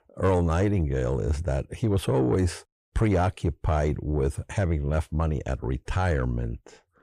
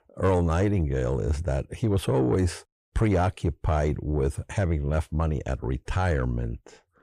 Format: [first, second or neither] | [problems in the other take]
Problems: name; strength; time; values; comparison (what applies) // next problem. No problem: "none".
neither | distortion; slight; 10 dB below the speech; the same in both